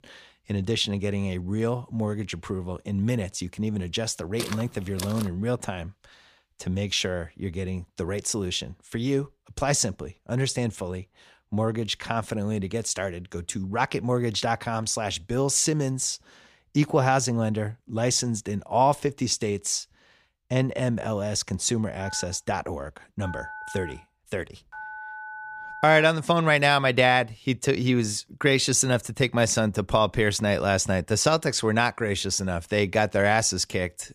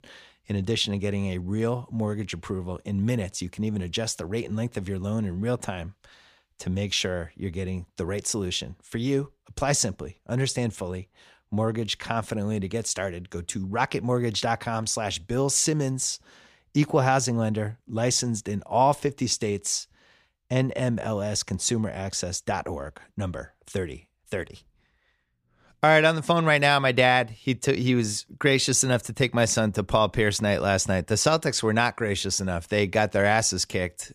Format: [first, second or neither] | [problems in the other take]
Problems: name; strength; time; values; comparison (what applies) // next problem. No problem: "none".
second | footsteps; noticeable; at 4.5 s; peak 9 dB below the speech // phone ringing; faint; from 22 to 26 s; peak 10 dB below the speech